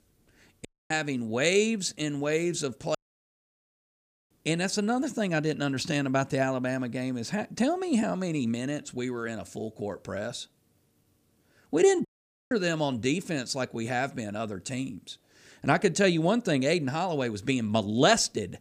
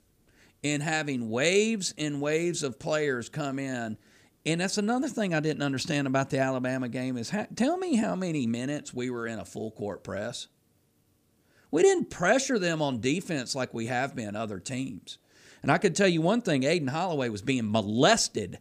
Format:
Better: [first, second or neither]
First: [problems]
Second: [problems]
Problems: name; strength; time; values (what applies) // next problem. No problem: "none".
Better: second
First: audio cutting out; at 0.5 s, at 3 s for 1.5 s and at 12 s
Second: none